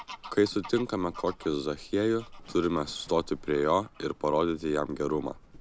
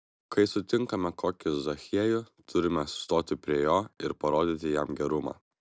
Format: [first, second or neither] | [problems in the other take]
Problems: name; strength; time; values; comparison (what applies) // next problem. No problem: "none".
second | background sound (Bird vocalization, bird call, bird song / Fowl + Livestock, farm animals, working animals); 18 dB below the speech